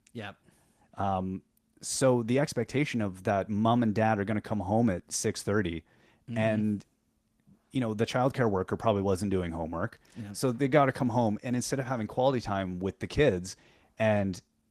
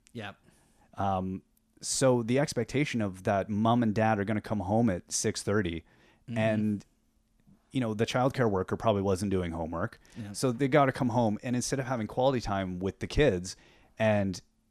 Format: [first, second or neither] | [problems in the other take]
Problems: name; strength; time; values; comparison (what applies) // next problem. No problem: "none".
second | garbled, watery; slightly